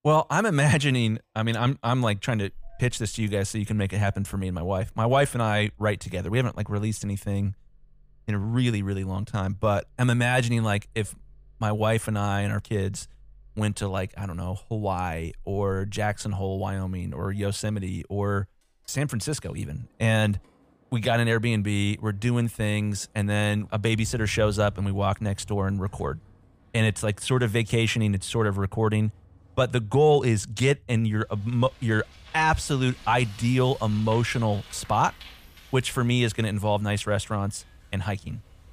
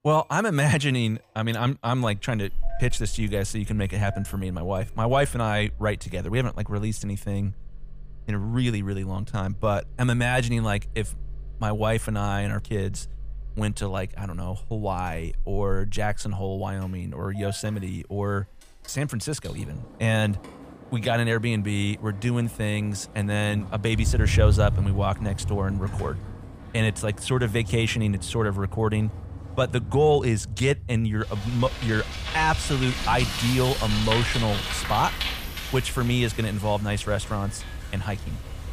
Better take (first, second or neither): first